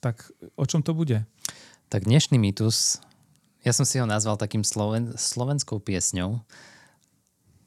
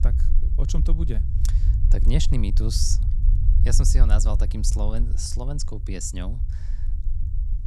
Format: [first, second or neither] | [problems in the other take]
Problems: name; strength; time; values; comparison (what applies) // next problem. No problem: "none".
first | low rumble; noticeable; throughout; 10 dB below the speech